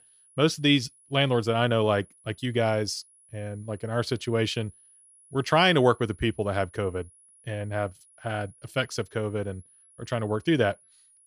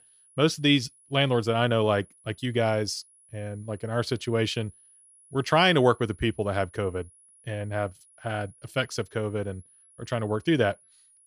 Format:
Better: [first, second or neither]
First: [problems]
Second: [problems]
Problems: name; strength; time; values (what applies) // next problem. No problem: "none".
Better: neither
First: high-pitched whine; faint; throughout; 10.5 kHz, 30 dB below the speech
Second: high-pitched whine; faint; throughout; 10.5 kHz, 30 dB below the speech